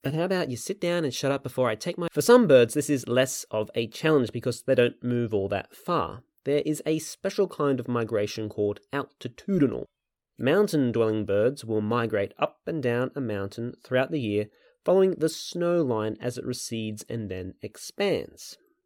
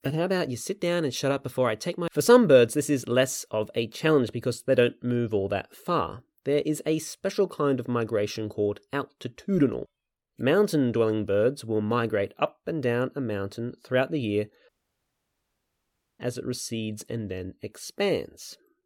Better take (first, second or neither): first